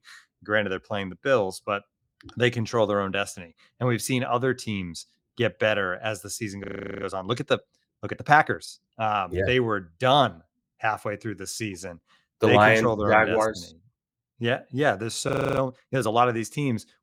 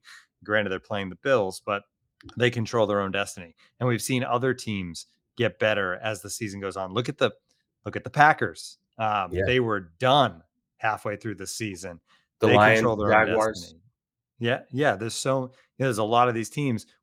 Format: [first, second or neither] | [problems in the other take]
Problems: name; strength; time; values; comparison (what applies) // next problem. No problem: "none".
second | audio freezing; at 6.5 s and at 15 s